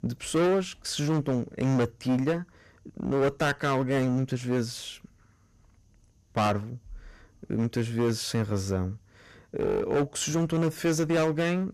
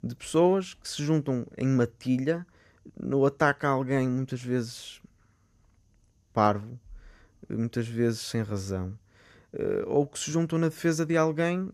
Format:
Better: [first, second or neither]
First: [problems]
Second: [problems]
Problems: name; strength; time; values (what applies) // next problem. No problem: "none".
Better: second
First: distortion; heavy; 12% of the sound clipped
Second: none